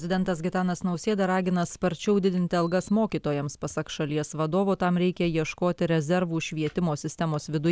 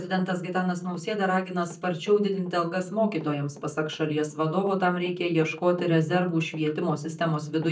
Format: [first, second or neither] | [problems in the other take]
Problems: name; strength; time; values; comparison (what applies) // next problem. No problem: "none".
first | noise reduction (neural mask model DeepFilterNet 3)